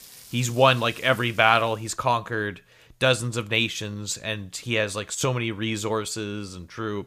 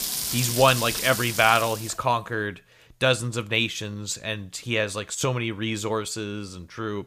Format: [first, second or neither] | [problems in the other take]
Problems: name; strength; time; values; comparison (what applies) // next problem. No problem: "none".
first | household noises; loud; until 2 s; 3 dB below the speech; faint in the first